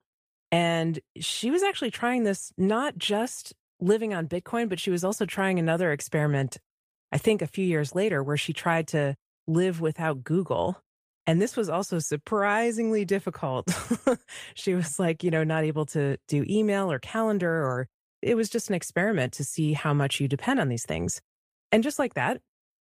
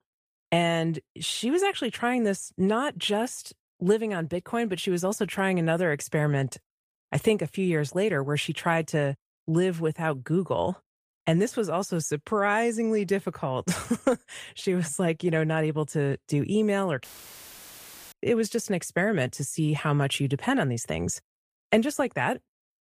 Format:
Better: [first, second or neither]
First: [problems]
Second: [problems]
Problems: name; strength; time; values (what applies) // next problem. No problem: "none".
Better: first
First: none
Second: audio cutting out; filled with static; at 17 s for 1 s